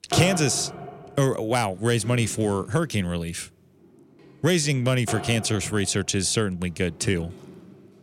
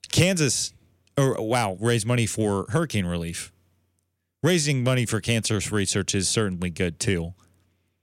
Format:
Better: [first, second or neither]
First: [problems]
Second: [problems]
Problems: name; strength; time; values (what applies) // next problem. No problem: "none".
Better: second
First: household noises; noticeable; throughout; 15 dB below the speech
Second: none